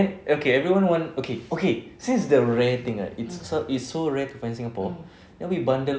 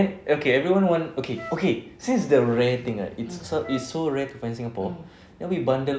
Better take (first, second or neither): first